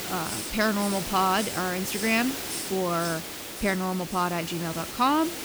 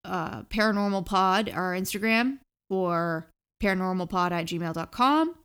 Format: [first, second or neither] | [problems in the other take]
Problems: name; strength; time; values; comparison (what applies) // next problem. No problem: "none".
second | hiss; loud; throughout; 5 dB below the speech